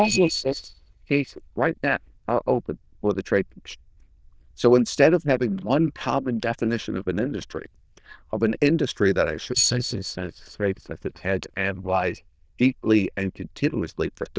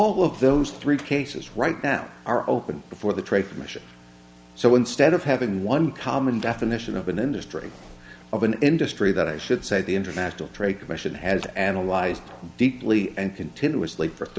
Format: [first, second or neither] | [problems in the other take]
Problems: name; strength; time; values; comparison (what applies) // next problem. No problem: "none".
second | noise reduction (neural diffusion model UNIVERSE++)